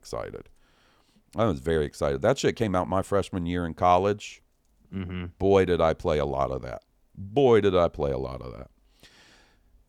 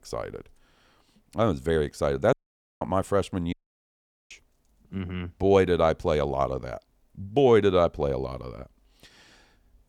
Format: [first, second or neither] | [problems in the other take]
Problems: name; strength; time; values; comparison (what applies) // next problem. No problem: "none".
first | audio cutting out; at 2.5 s and at 3.5 s for 1 s